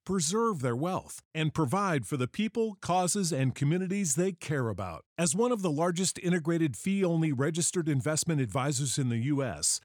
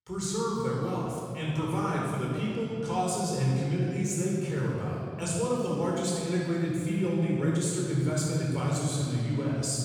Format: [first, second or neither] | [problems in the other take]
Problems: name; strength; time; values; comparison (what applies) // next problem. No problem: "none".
first | off-mic speech; far // room echo; strong; dies away in 2.7 s